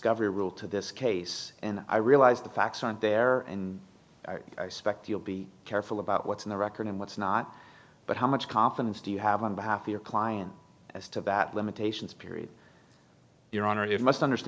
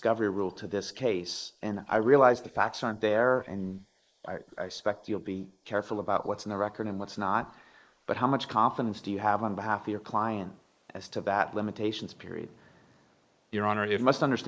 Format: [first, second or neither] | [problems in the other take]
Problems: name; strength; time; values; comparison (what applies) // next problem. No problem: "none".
first | noise reduction (neural mask model Resemble Enhance denoiser)